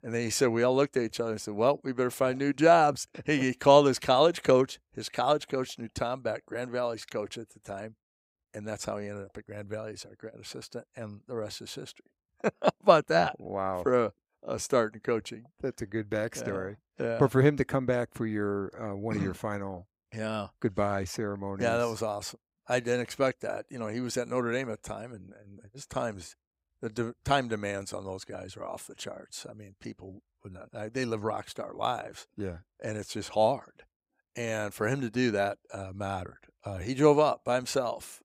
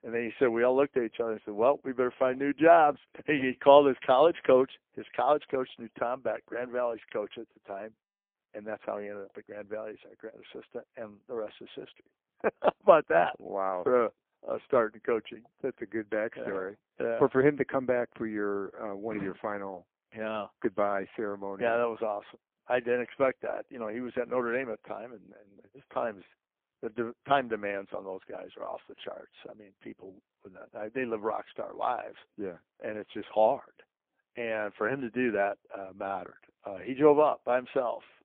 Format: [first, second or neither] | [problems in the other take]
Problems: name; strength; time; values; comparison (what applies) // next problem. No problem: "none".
first | phone-call audio; poor line; nothing above 3.5 kHz